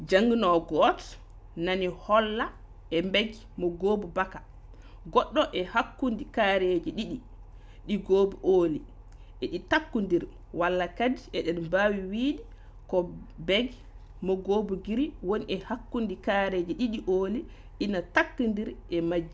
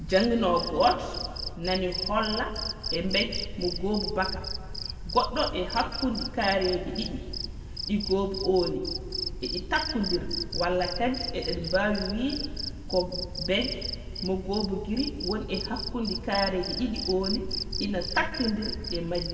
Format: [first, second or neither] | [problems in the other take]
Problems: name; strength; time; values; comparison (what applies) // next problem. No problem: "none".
first | background sound (Cricket); 6 dB below the speech // room echo; dies away in 1.6 s